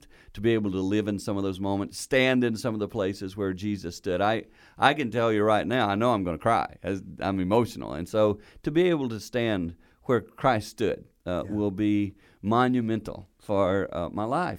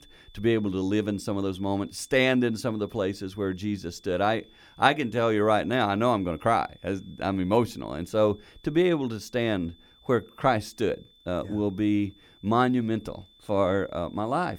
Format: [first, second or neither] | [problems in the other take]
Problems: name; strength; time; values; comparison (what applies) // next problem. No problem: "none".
first | high-pitched whine; faint; throughout; 3.5 kHz, 30 dB below the speech